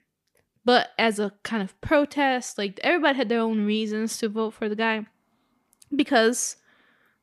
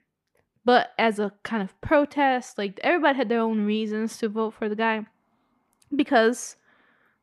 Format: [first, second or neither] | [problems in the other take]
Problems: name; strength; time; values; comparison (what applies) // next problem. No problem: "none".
first | muffled; slightly; fading above 3 kHz